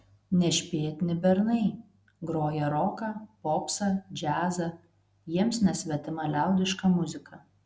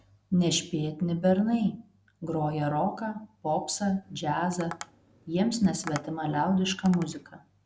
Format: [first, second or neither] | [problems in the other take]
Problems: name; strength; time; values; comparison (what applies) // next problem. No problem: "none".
first | background sound (Tap); 17 dB below the speech